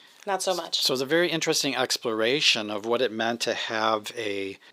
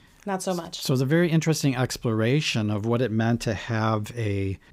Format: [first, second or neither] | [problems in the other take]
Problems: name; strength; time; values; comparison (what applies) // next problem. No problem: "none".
second | thin; somewhat; fading below 450 Hz